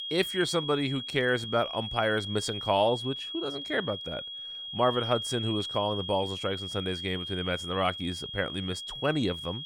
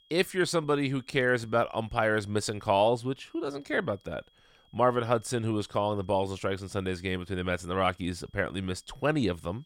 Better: second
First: high-pitched whine; loud; throughout; 3.5 kHz, 5 dB below the speech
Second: high-pitched whine; faint; throughout; 3.5 kHz, 35 dB below the speech

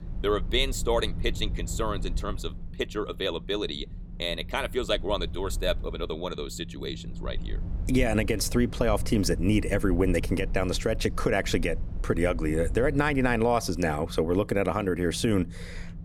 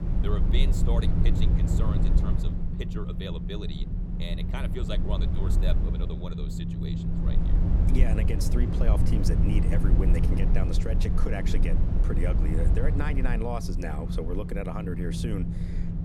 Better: first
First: low rumble; faint; throughout; 20 dB below the speech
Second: low rumble; loud; throughout; 2 dB below the speech

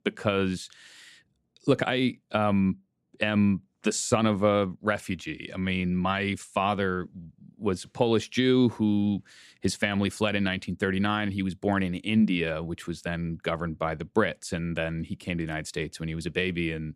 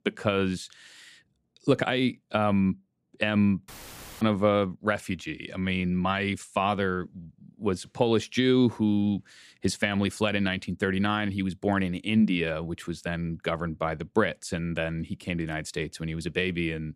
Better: first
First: none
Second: audio cutting out; filled with static; at 3.5 s for 0.5 s

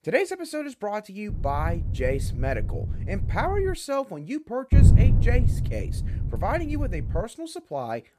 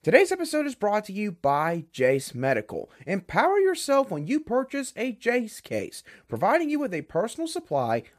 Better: second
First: wind noise on the microphone; heavy; from 1.5 to 3.5 s and from 4.5 to 7 s; 9 dB below the speech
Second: none

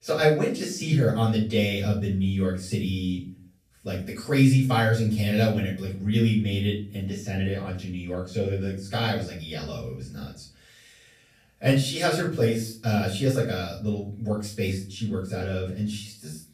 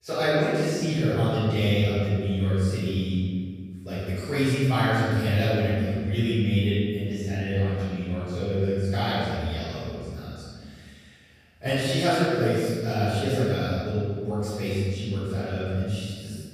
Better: first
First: room echo; slight; dies away in 0.4 s // off-mic speech; far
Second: room echo; strong; dies away in 1.8 s // off-mic speech; far

